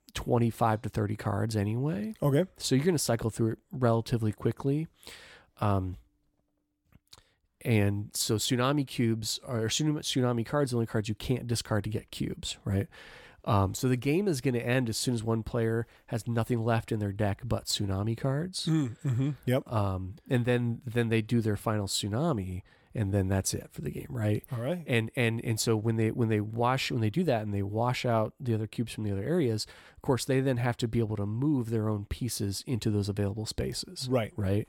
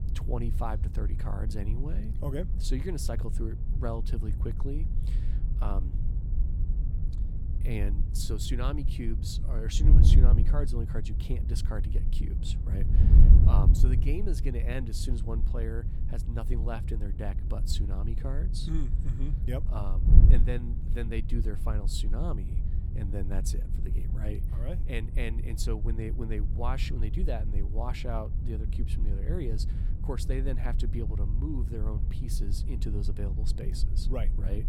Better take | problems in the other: first | wind noise on the microphone; heavy; 5 dB below the speech

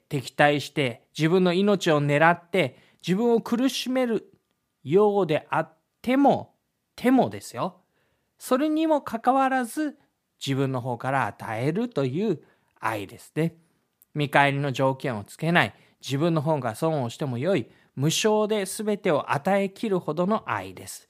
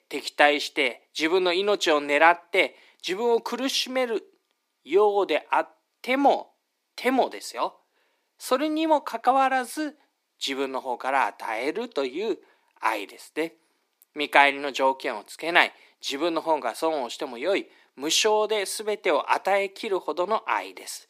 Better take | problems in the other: first | thin; somewhat; fading below 300 Hz

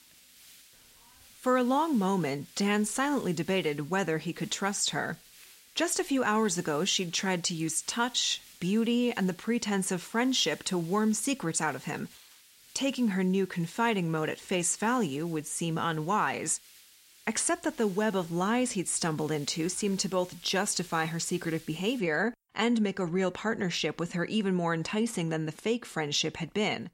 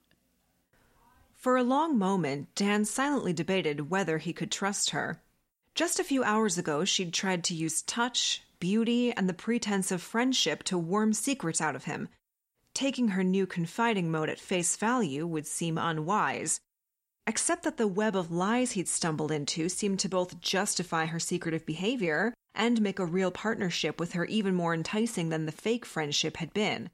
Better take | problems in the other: second | hiss; faint; until 22 s; 20 dB below the speech

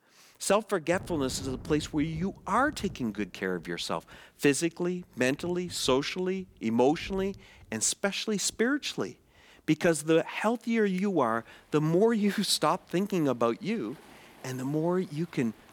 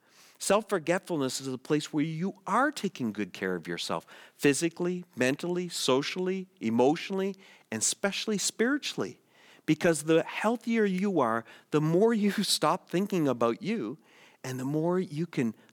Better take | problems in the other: second | rain or running water; faint; throughout; 20 dB below the speech

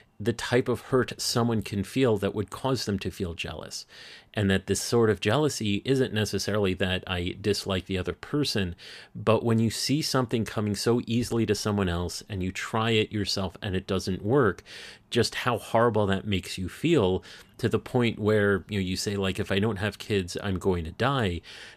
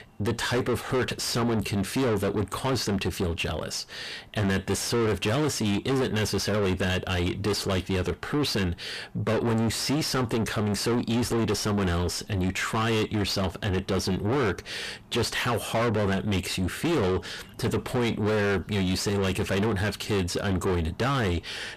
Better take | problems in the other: first | distortion; heavy; 5 dB below the speech

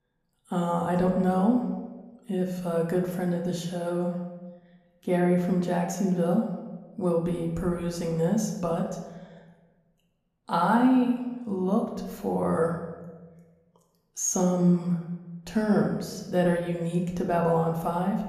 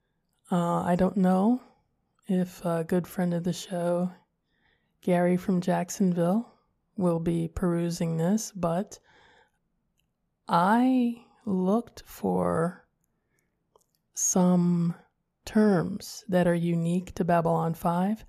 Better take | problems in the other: second | room echo; slight; dies away in 0.9 s // off-mic speech; somewhat distant

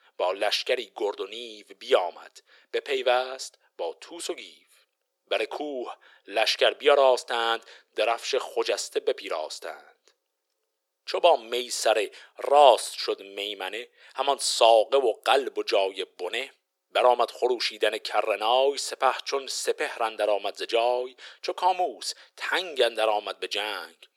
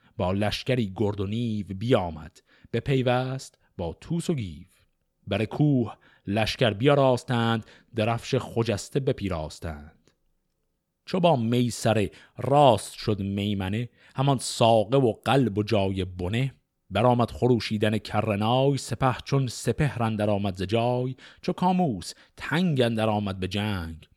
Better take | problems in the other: second | thin; very; fading below 400 Hz

